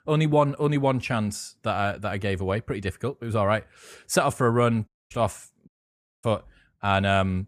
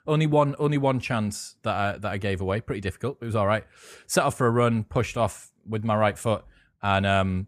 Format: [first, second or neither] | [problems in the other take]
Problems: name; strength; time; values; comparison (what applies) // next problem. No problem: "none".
second | audio cutting out; at 5 s and at 5.5 s for 0.5 s